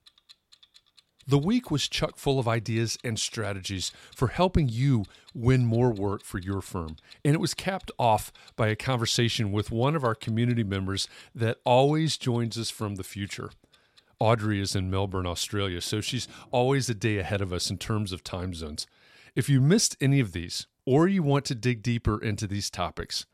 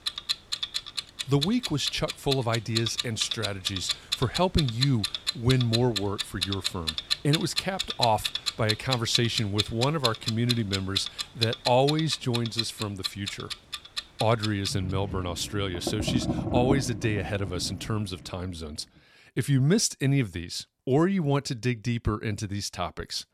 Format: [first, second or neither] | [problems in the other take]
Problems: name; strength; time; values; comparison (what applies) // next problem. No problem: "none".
first | household noises; loud; until 18 s; 3 dB below the speech; faint in the first